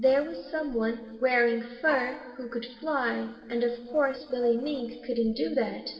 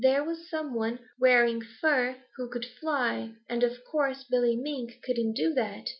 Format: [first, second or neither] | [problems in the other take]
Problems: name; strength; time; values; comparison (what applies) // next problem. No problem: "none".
second | noise reduction (neural separator model SepFormer DNS4)